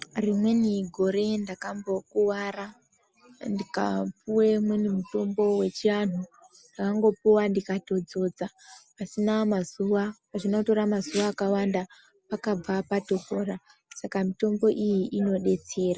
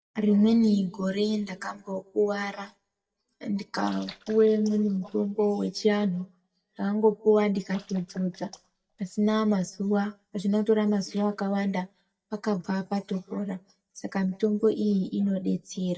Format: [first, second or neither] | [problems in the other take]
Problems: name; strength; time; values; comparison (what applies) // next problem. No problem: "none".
first | noise reduction (neural mask model DeepFilterNet 3)